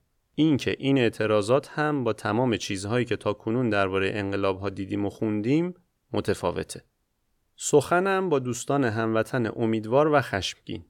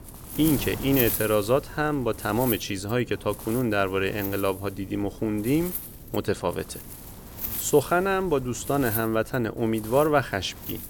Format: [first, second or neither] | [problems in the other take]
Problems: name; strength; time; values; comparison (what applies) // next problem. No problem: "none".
first | wind noise on the microphone; occasional gusts; 15 dB below the speech